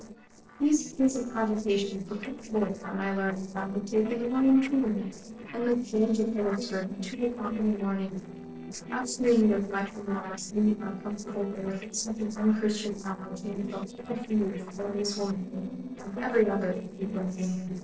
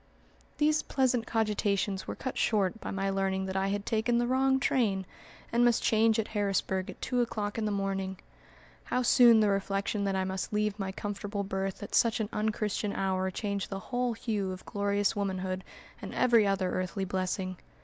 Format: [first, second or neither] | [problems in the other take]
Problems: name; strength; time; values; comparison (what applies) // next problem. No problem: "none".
second | noise reduction (neural separator model SepFormer DNS4)